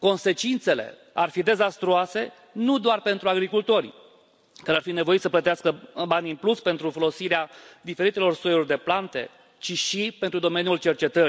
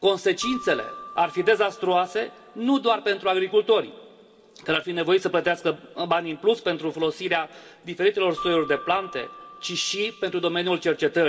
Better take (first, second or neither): first